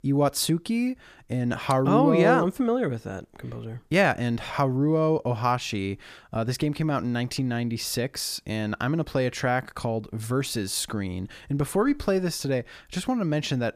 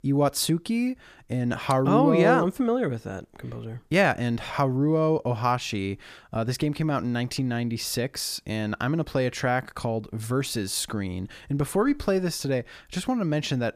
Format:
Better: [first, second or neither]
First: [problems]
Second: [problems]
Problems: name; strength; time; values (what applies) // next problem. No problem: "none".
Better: neither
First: none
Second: none